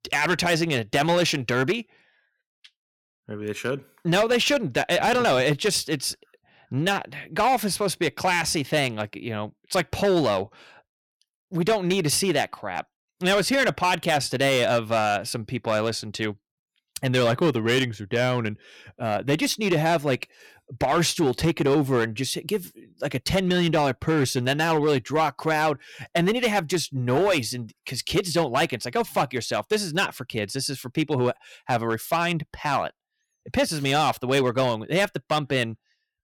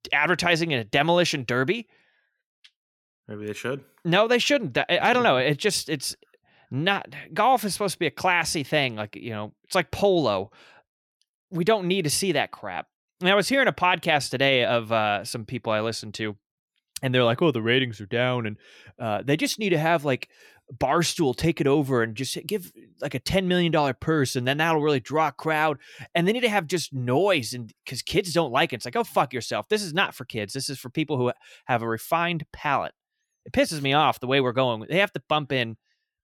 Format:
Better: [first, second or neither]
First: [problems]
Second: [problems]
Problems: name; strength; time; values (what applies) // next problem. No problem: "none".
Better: second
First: distortion; slight; 7% of the sound clipped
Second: none